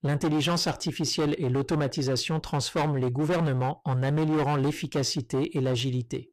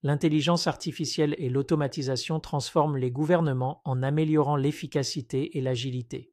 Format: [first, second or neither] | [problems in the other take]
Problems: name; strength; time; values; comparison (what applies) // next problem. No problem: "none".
second | distortion; heavy; 20% of the sound clipped